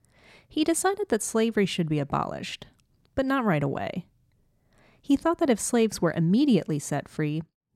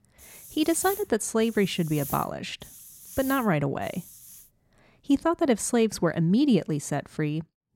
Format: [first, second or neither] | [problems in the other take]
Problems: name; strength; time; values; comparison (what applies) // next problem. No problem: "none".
first | hiss; noticeable; until 4.5 s; 15 dB below the speech